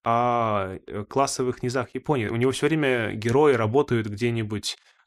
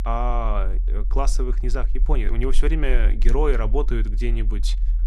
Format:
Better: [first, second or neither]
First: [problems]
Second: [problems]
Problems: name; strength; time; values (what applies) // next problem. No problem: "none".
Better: first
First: none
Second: low rumble; faint; throughout; 20 dB below the speech